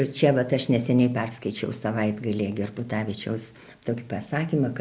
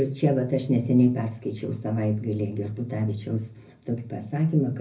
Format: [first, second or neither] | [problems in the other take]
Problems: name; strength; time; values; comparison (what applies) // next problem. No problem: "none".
first | room echo; dies away in 0.4 s